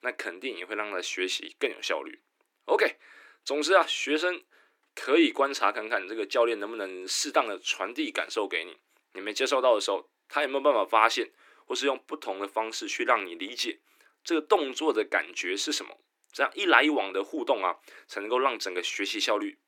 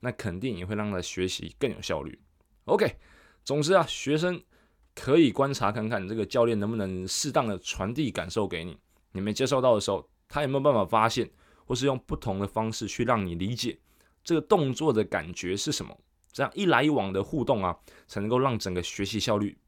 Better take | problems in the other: second | thin; somewhat; fading below 300 Hz

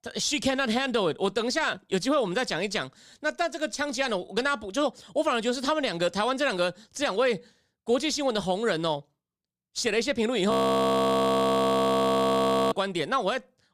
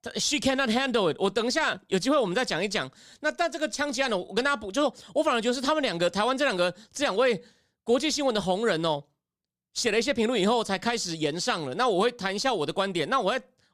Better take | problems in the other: second | audio freezing; at 11 s for 2 s

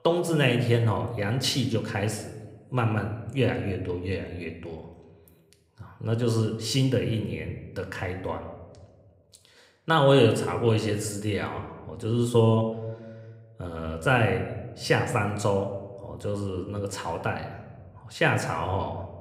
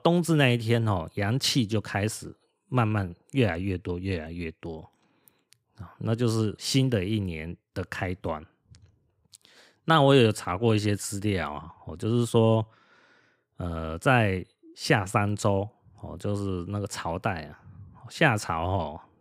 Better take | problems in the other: second | room echo; slight; dies away in 0.8 s

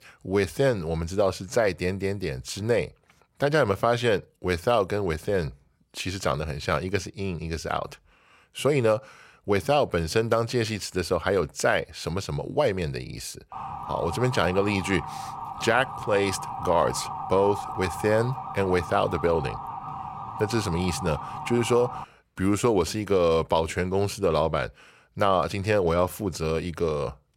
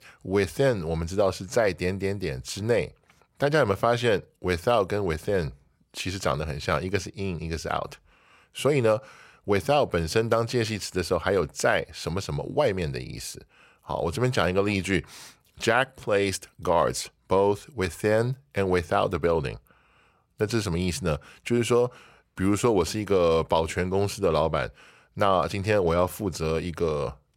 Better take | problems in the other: second | siren; noticeable; from 14 to 22 s; peak 8 dB below the speech

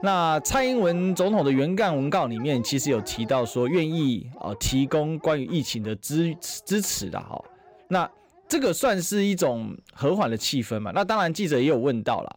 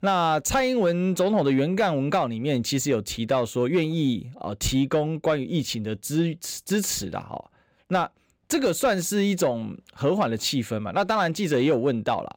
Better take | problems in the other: second | animal sounds; faint; throughout; 20 dB below the speech

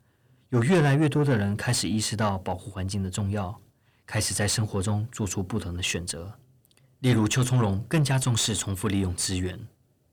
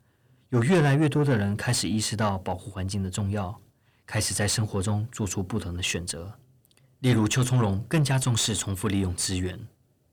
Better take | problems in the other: neither | distortion; slight; 9 dB below the speech; the same in both

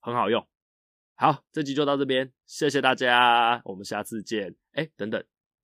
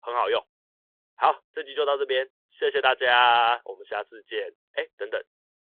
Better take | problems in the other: first | phone-call audio

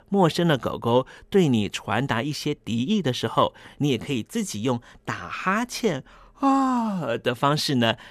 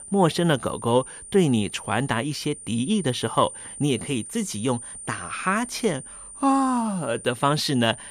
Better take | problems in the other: first | high-pitched whine; noticeable; throughout; 9 kHz, 15 dB below the speech

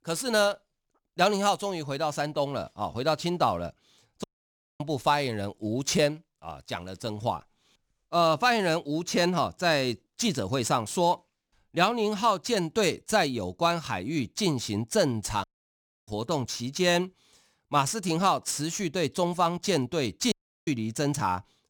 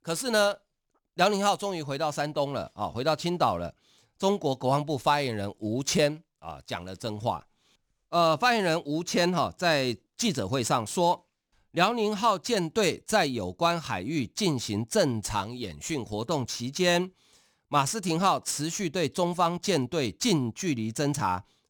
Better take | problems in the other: second | audio cutting out; at 4 s for 0.5 s, at 15 s for 0.5 s and at 20 s

